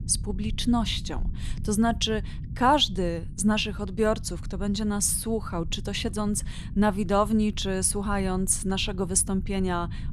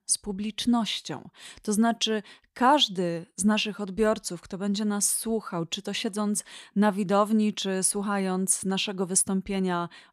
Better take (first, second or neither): second